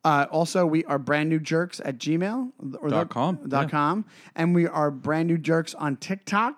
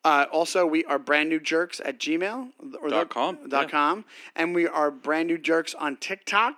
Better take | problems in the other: first | thin; somewhat; fading below 350 Hz

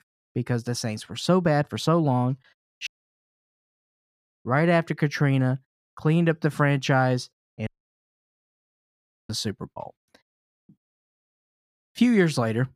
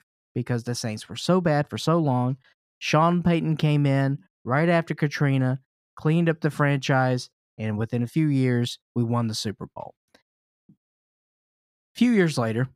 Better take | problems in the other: second | audio cutting out; at 3 s for 1.5 s and at 7.5 s for 1.5 s

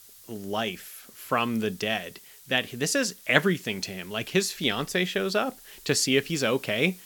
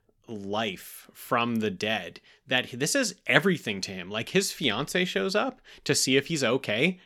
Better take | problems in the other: second | hiss; faint; throughout; 20 dB below the speech

